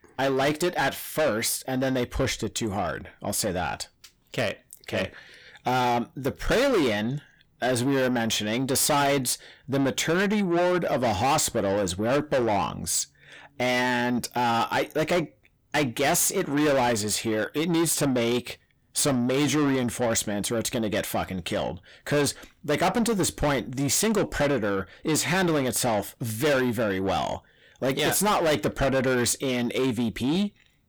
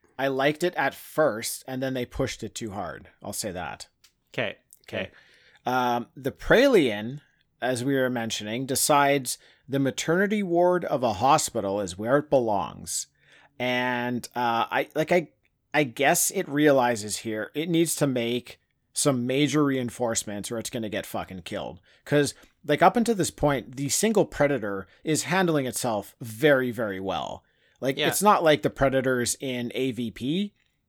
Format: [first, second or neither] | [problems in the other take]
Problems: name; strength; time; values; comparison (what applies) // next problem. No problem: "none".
second | distortion; heavy; 6 dB below the speech